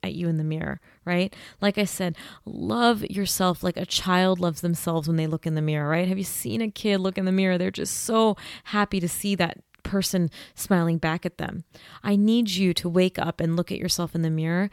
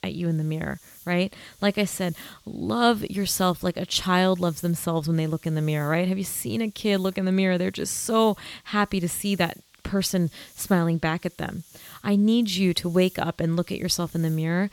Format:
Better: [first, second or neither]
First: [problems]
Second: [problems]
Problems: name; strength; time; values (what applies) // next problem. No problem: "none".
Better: first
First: none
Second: hiss; faint; throughout; 25 dB below the speech